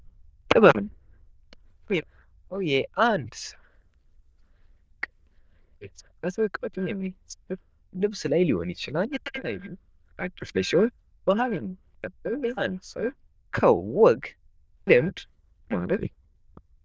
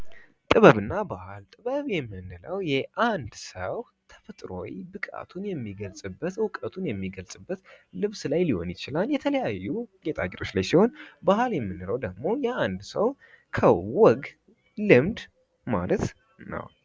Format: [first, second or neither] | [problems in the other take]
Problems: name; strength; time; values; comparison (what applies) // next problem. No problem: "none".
second | noise reduction (neural diffusion model UNIVERSE++)